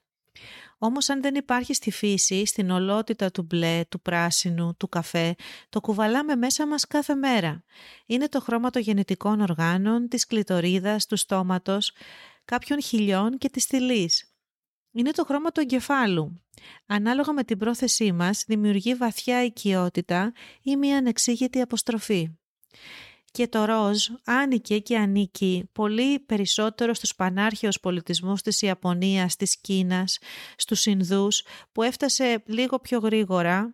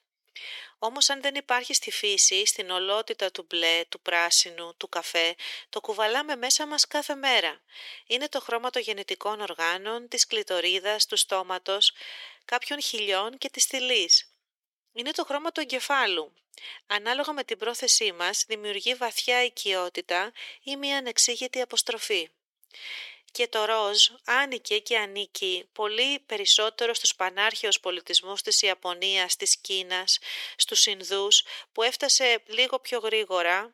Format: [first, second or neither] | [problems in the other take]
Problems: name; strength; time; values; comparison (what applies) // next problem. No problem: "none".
first | thin; very; fading below 400 Hz